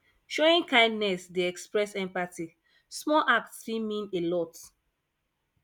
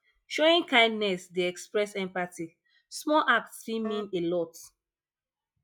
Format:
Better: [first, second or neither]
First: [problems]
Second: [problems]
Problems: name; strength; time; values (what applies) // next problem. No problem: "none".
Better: first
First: none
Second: noise reduction (classical method log-MMSE)